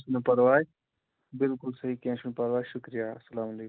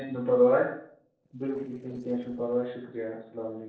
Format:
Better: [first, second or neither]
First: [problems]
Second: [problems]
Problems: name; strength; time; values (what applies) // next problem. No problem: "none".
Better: first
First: none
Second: noise reduction (neural separator model SepFormer DNS4)